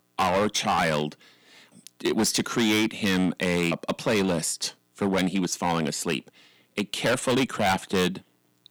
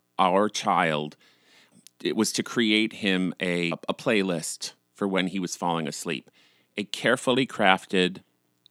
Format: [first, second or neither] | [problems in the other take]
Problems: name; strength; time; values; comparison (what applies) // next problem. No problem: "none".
second | distortion; heavy; 9% of the sound clipped